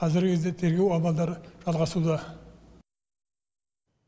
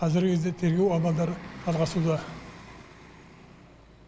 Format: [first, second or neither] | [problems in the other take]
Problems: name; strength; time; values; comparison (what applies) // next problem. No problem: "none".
first | background sound (Bus); 17 dB below the speech